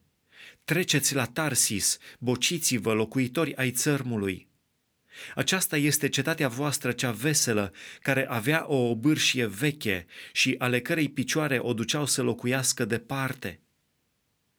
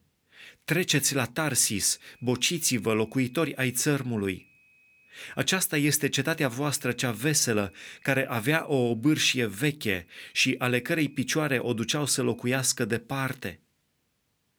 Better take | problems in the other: first | high-pitched whine; faint; from 2 to 5.5 s, from 6.5 to 9 s and from 10 to 12 s; 2.5 kHz, 35 dB below the speech

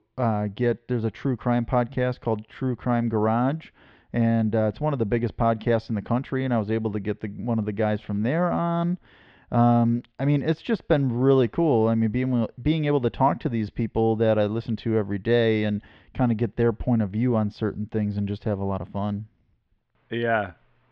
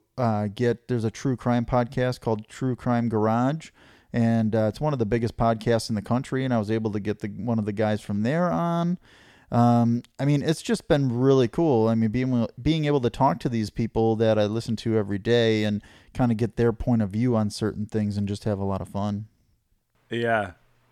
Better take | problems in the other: second | muffled; slightly; fading above 3.5 kHz

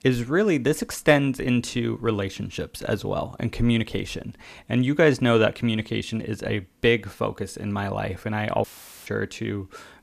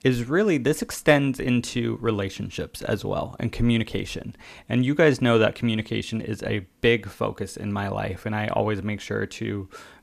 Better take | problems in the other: second | audio cutting out; filled with static; at 8.5 s

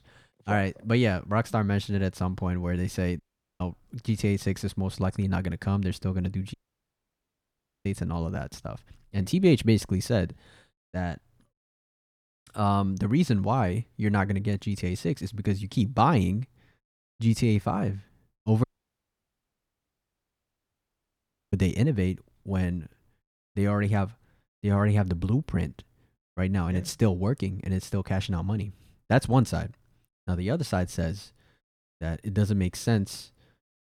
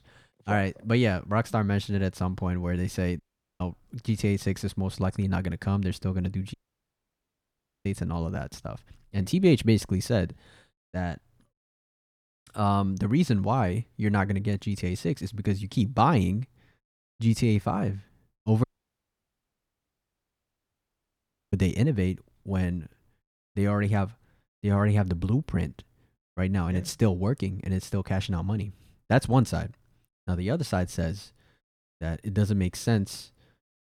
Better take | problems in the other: neither | audio cutting out; at 3 s, at 6.5 s for 1.5 s and at 19 s for 3 s; the same in both

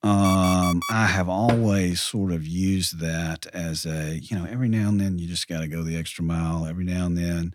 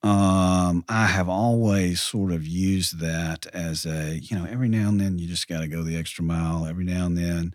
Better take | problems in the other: second | alarm; noticeable; at the start; peak 5 dB below the speech // door banging; noticeable; at 1.5 s; peak 5 dB below the speech

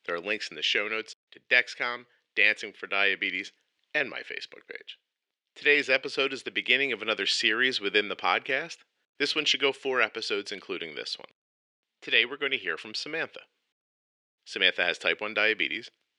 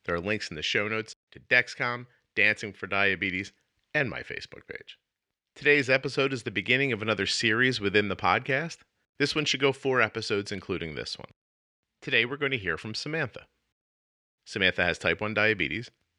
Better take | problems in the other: second | thin; somewhat; fading below 350 Hz

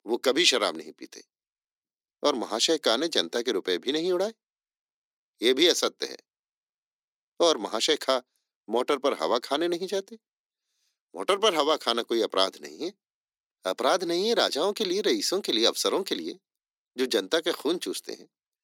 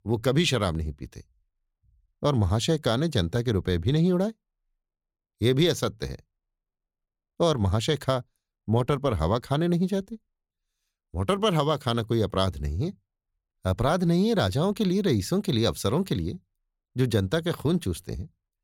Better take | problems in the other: second | thin; somewhat; fading below 250 Hz

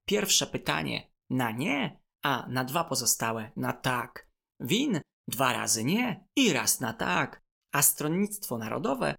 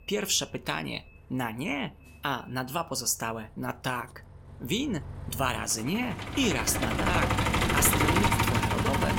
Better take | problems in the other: first | traffic noise; very loud; throughout; 3 dB above the speech

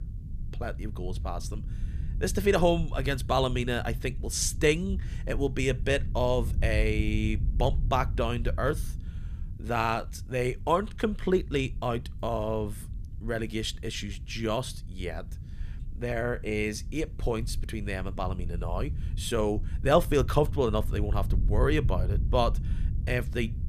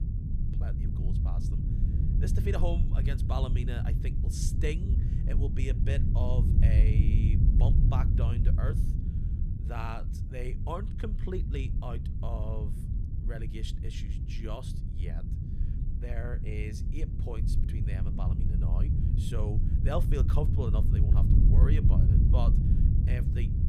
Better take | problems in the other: first | low rumble; loud; throughout; 2 dB below the speech; faint in the first

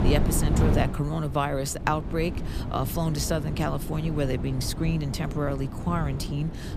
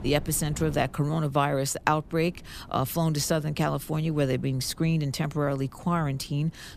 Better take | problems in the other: second | wind noise on the microphone; heavy; 8 dB below the speech; occasional gusts in the second

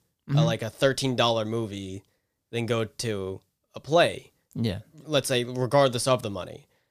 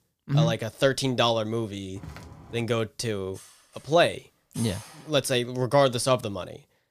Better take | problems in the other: first | footsteps; faint; at 2 s; peak 15 dB below the speech // clattering dishes; faint; from 3.5 to 5 s; peak 15 dB below the speech

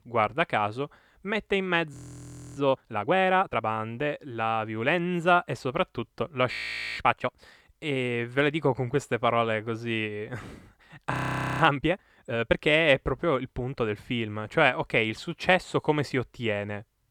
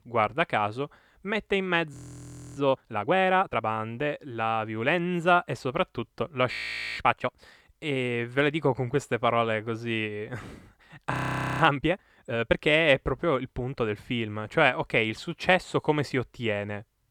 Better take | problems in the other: neither | audio freezing; at 2 s for 0.5 s, at 6.5 s and at 11 s; the same in both

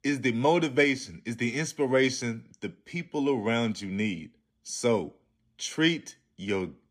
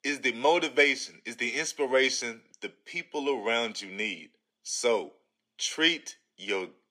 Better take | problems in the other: first | thin; somewhat; fading below 500 Hz

